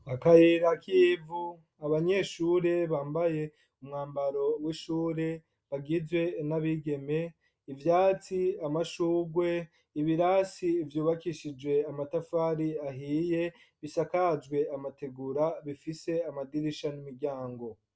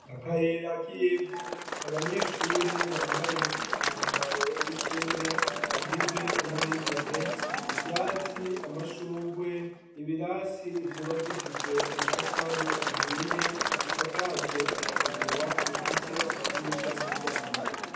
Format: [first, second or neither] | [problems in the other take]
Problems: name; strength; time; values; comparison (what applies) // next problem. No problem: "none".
first | background sound (Applause / Crowd); 2 dB above the speech // room echo; dies away in 0.8 s